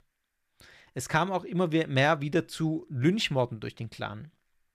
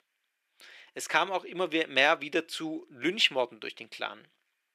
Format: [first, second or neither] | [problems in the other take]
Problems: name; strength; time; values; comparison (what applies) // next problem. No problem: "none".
first | thin; somewhat; fading below 350 Hz